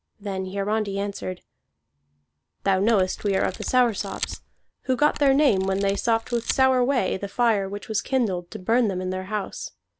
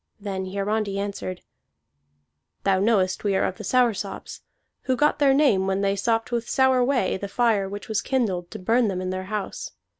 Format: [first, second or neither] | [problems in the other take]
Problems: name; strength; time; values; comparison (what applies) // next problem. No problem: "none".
second | background sound (Camera); 13 dB below the speech